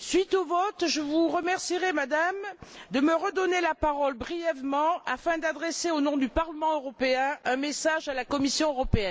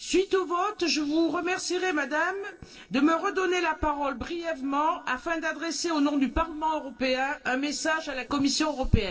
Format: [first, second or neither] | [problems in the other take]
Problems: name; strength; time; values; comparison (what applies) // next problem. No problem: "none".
first | noise reduction (neural separator model SepFormer DNS4)